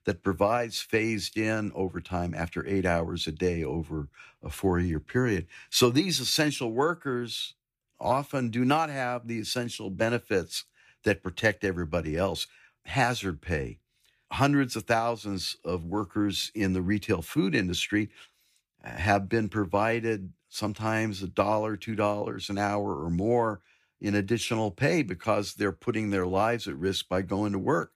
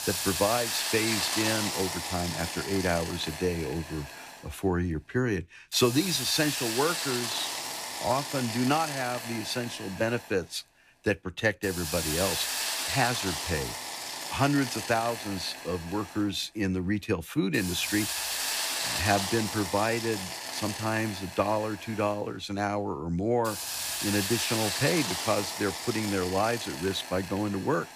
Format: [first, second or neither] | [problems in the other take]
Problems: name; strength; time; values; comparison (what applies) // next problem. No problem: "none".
first | hiss; loud; throughout; 2 dB below the speech